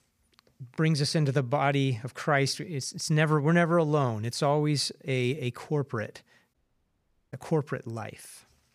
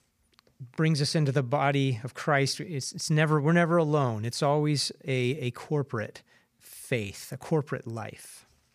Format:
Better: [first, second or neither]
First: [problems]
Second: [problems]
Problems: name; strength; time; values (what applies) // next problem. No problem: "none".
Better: second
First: audio cutting out; at 6.5 s for 1 s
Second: none